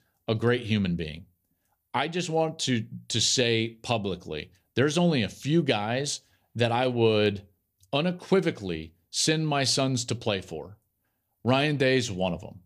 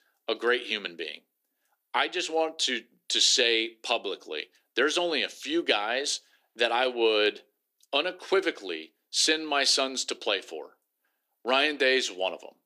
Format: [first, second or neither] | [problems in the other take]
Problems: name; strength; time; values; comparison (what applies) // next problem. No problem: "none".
first | thin; very; fading below 300 Hz